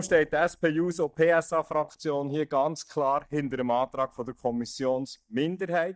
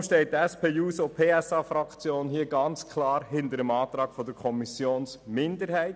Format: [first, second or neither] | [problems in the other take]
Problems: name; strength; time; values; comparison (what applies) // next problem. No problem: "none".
second | noise reduction (neural mask model DeepFilterNet 3)